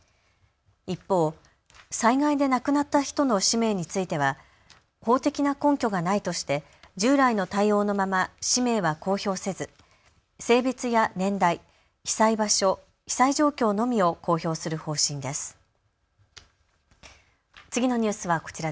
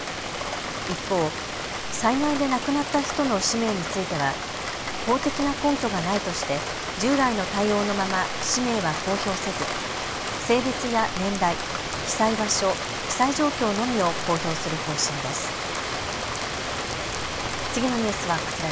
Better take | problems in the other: first | background sound (Rain); 3 dB below the speech

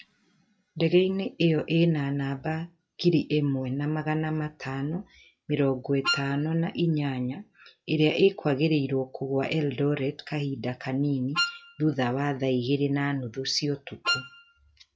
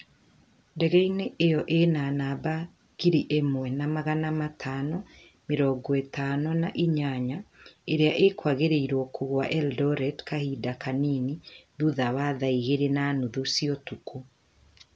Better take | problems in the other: second | noise reduction (classical method log-MMSE)

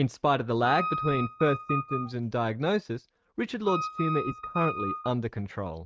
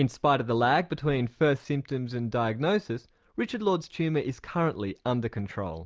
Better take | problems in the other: second | noise reduction (neural mask model RNNoise)

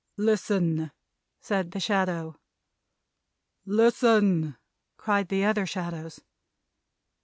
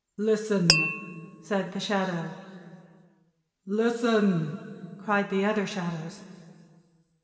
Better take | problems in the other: first | background sound (Glass); 1 dB above the speech // room echo; dies away in 2.1 s

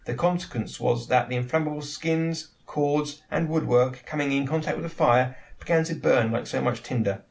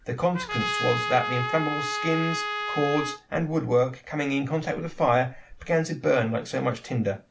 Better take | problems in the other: first | background sound (Trumpet); 4 dB below the speech

